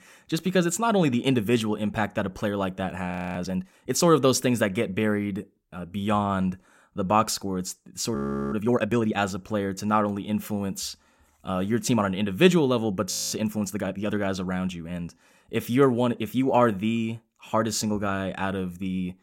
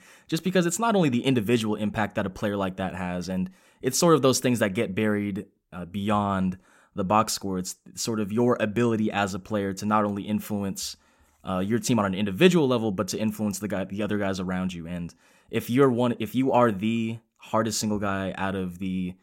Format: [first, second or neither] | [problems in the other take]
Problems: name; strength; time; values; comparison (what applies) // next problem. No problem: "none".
second | audio freezing; at 3 s, at 8 s and at 13 s